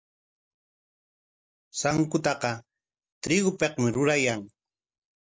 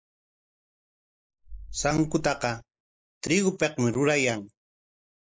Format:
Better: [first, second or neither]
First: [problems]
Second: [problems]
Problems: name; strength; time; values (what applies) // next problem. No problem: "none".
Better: first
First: none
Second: noise reduction (neural mask model Resemble Enhance denoiser)